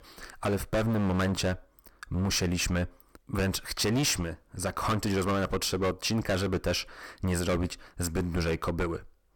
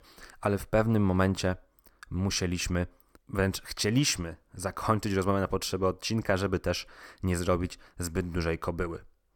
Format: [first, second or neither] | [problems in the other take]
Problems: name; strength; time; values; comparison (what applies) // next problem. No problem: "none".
second | distortion; heavy; 14% of the sound clipped